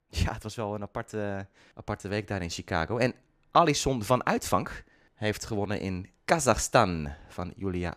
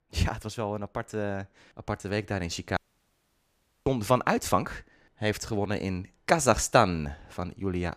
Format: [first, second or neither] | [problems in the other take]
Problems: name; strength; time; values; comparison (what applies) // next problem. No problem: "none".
first | audio cutting out; at 3 s for 1 s